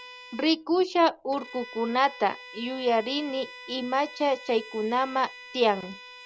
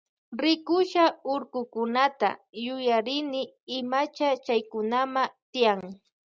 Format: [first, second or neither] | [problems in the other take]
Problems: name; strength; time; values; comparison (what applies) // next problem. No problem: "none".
second | background sound (Bowed string instrument); 17 dB below the speech